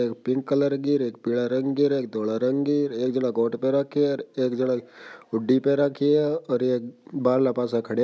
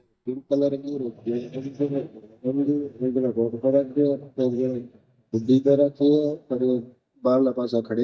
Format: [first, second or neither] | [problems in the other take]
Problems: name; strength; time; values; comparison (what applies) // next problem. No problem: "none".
first | noise reduction (neural mask model DeepFilterNet 3)